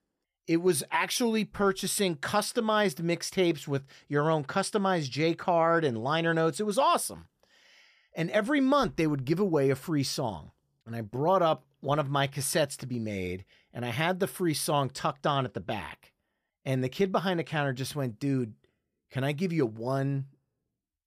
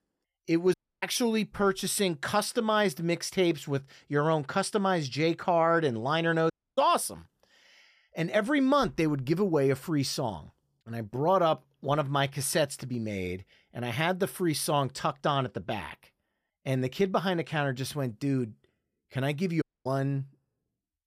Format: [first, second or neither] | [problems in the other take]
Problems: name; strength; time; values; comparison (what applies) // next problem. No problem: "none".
first | audio cutting out; at 0.5 s, at 6.5 s and at 20 s